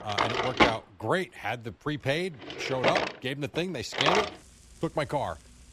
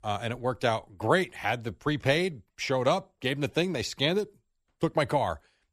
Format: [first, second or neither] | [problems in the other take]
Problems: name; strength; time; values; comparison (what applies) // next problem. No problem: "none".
second | household noises; very loud; throughout; 4 dB above the speech